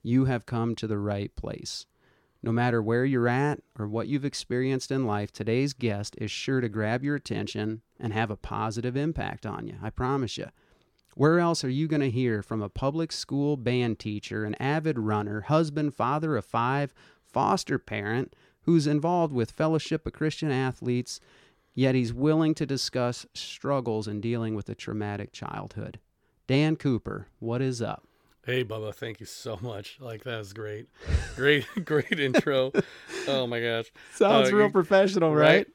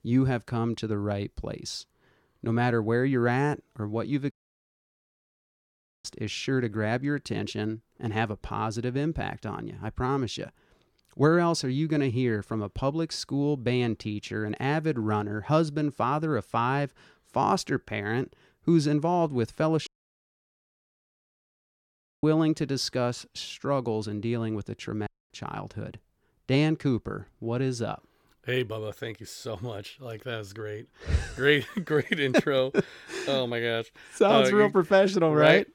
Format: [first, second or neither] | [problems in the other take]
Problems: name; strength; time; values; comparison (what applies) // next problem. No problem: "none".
first | audio cutting out; at 4.5 s for 1.5 s, at 20 s for 2.5 s and at 25 s